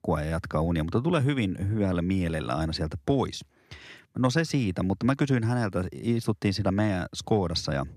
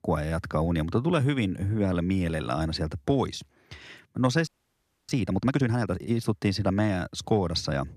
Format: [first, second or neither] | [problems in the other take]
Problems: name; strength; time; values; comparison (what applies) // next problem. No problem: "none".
first | audio freezing; at 4.5 s for 0.5 s